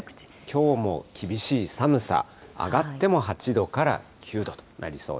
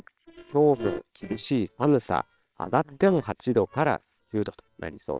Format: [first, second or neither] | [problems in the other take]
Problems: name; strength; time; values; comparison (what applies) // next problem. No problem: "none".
first | noise reduction (neural separator model SepFormer WHAMR!)